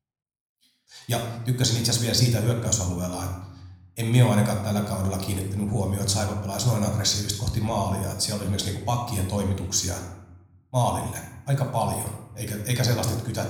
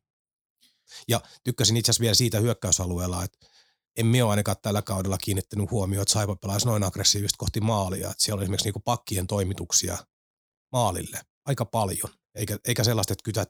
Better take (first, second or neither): second